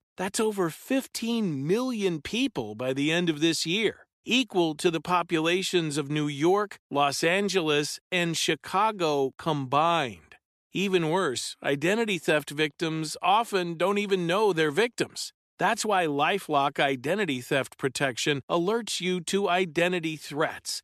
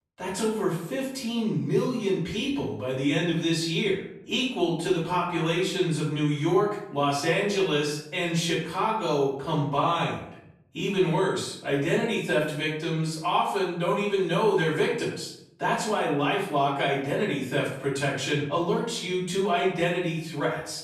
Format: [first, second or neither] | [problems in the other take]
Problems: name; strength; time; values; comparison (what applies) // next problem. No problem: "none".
first | off-mic speech; far // room echo; noticeable; dies away in 0.7 s